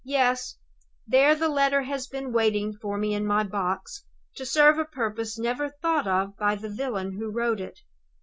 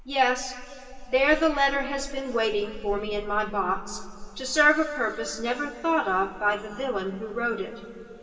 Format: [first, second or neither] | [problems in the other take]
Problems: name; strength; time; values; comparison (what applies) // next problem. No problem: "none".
first | background sound (Rain); 14 dB below the speech // room echo; dies away in 2.8 s